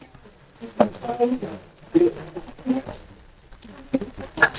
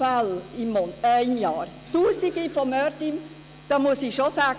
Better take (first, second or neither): second